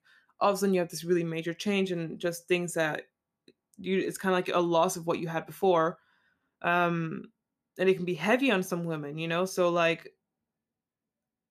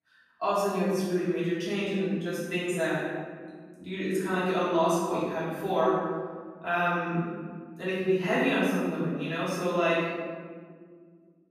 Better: first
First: none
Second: room echo; strong; dies away in 1.6 s // off-mic speech; far

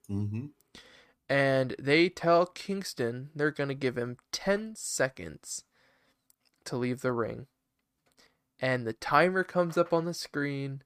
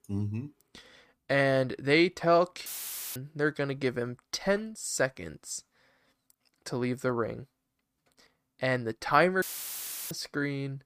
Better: first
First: none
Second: audio cutting out; filled with static; at 2.5 s for 0.5 s and at 9.5 s for 0.5 s

